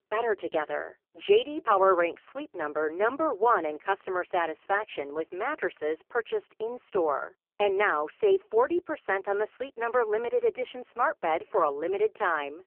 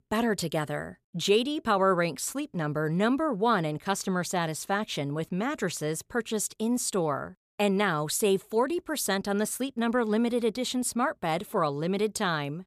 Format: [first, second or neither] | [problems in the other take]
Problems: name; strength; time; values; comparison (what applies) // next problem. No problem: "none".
second | phone-call audio; poor line; nothing above 3 kHz